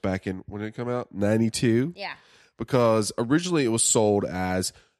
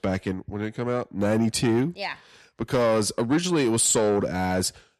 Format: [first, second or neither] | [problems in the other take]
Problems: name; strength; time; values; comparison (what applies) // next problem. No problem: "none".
first | distortion; slight; 10 dB below the speech